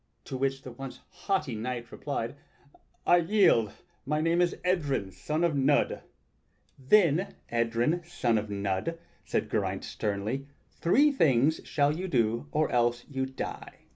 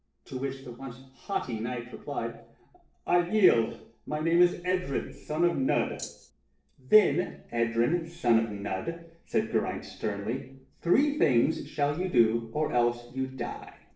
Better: first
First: none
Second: noise reduction (neural separator model SepFormer DNS4)

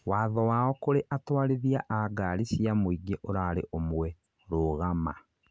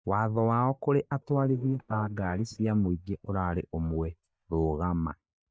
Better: first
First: none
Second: noise reduction (neural mask model DeepFilterNet 3)

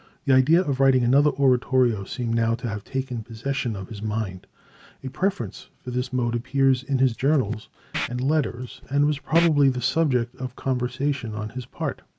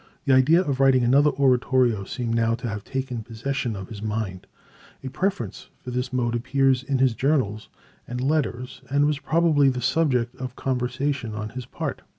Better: second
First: noise reduction (neural mask model Resemble Enhance denoiser)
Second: none

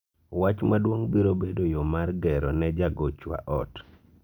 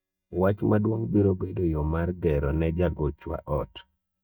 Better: first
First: none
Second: noise reduction (neural mask model DeepFilterNet 3)

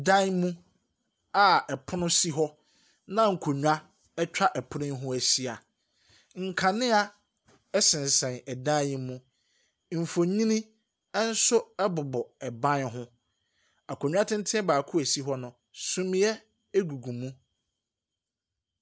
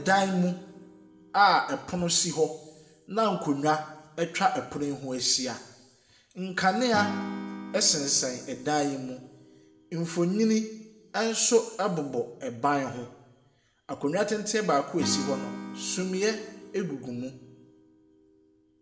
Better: first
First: none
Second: background sound (Acoustic guitar / Strum); 14 dB below the speech // room echo; dies away in 0.8 s

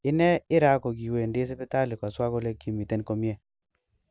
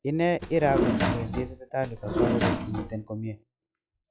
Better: first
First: none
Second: noise reduction (classical method log-MMSE)

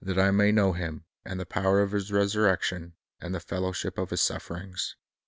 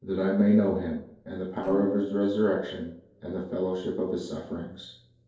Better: first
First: none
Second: noise reduction (neural separator model SepFormer DNS4)

